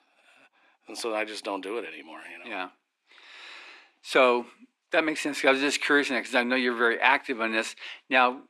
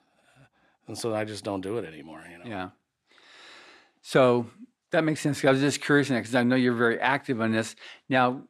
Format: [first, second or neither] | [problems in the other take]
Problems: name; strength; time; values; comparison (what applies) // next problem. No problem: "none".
second | thin; very slightly; fading below 250 Hz